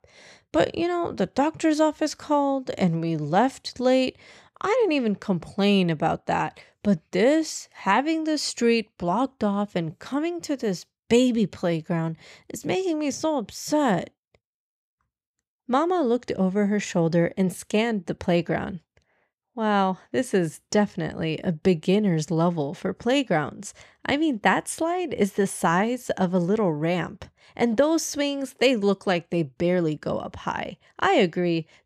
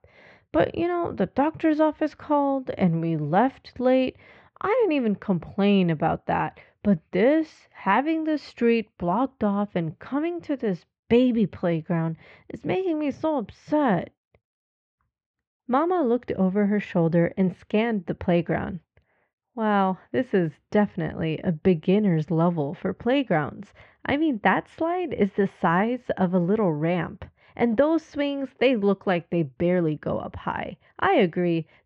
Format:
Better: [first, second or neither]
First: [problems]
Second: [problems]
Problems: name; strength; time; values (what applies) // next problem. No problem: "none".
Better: first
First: none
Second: muffled; very; fading above 2.5 kHz